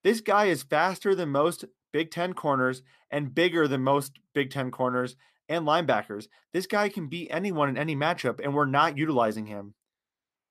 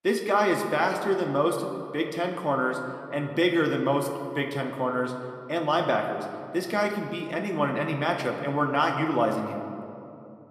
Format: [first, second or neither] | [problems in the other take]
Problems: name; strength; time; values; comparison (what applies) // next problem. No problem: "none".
first | room echo; slight; dies away in 1.8 s